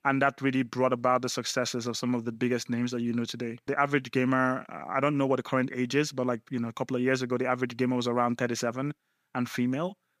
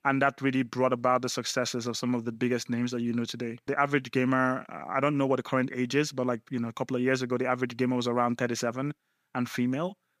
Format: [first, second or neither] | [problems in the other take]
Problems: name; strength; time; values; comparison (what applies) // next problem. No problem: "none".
neither | none